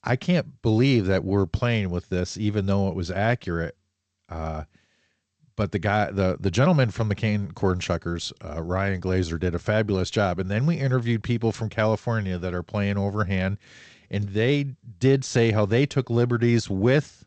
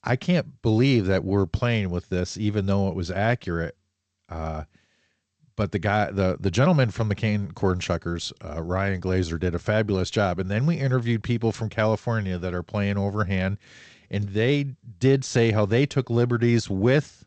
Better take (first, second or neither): neither